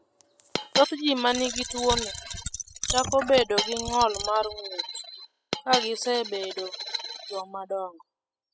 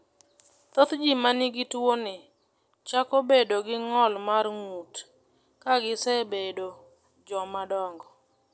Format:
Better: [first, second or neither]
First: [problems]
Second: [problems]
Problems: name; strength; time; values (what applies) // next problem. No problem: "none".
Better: second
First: noise reduction (classical method spectral subtraction)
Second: none